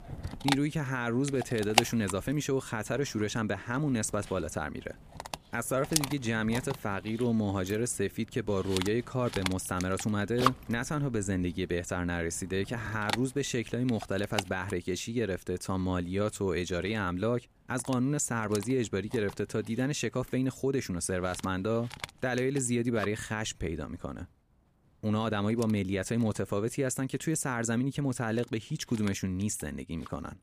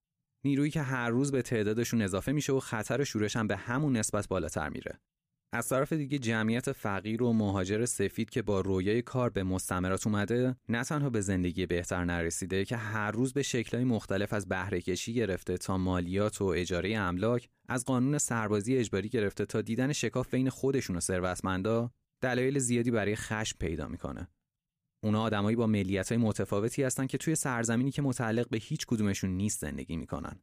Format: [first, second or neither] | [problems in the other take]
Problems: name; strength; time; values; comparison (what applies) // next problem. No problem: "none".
second | animal sounds; loud; throughout; 5 dB below the speech